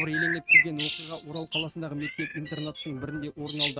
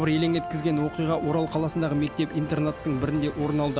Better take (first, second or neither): second